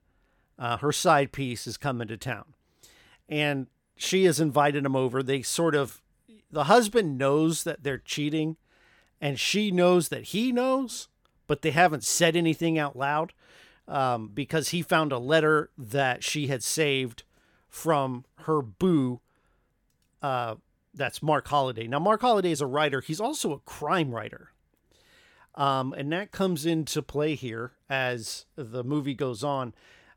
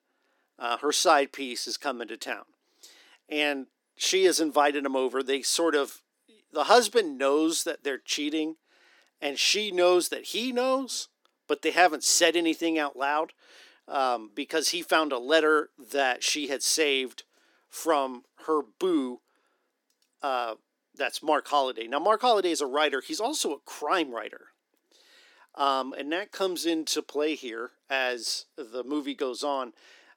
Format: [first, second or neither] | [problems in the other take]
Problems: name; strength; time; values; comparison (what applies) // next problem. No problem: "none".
first | thin; somewhat; fading below 250 Hz